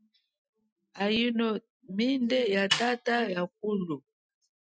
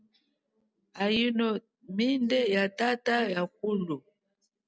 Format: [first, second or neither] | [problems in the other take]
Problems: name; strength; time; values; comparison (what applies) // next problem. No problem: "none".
second | noise reduction (classical method Wiener filter)